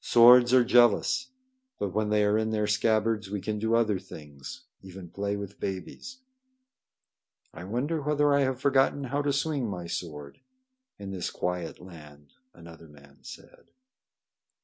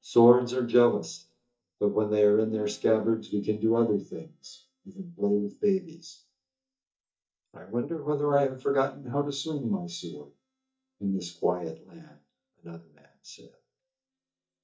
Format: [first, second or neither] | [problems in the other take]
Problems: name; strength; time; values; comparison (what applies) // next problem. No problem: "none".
first | noise reduction (neural mask model DeepFilterNet 3)